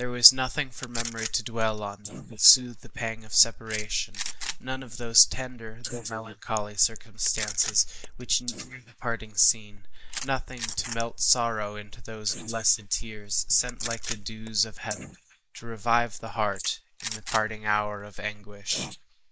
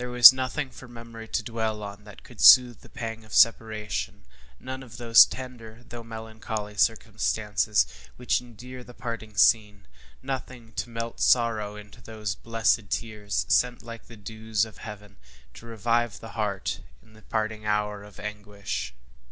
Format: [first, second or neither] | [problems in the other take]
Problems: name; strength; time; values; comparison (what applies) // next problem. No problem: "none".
second | noise reduction (neural mask model Resemble Enhance denoiser)